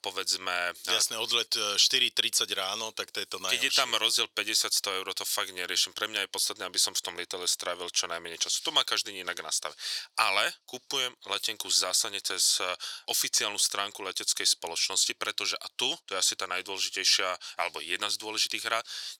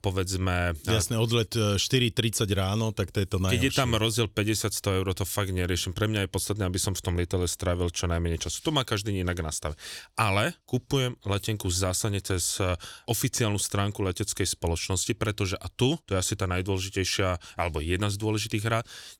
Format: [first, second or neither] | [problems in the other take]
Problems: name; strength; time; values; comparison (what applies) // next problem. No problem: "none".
second | thin; very; fading below 750 Hz